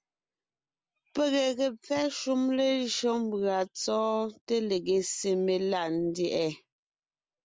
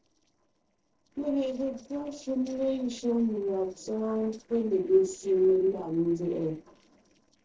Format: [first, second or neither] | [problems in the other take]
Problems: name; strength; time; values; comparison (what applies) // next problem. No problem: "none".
first | noise reduction (neural separator model SepFormer DNS4)